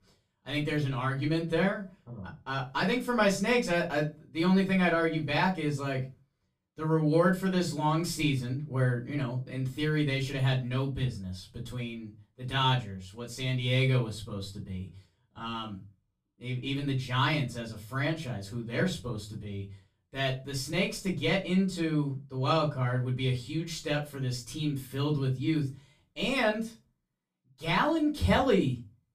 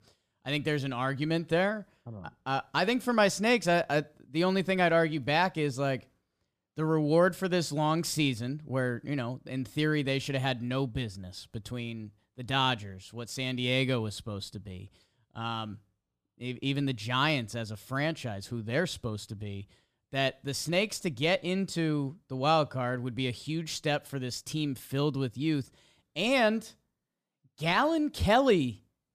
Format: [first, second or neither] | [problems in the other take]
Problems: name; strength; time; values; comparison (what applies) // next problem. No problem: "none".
second | off-mic speech; far // room echo; very slight; dies away in 0.2 s